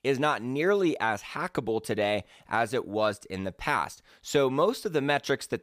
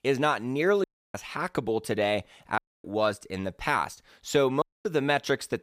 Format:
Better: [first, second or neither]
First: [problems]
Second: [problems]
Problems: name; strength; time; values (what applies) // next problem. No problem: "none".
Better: first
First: none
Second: audio cutting out; at 1 s, at 2.5 s and at 4.5 s